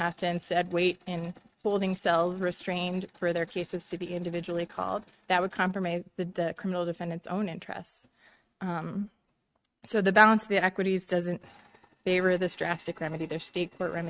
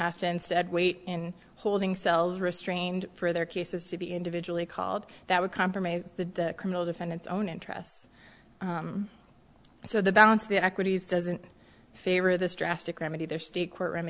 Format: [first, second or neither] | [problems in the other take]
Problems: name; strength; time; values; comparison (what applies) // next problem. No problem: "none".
second | noise reduction (neural mask model RNNoise)